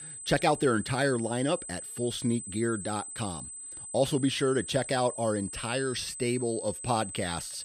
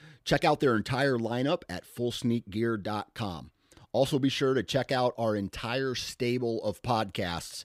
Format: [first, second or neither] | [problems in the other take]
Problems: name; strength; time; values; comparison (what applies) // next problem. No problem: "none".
second | high-pitched whine; loud; throughout; 8 kHz, 9 dB below the speech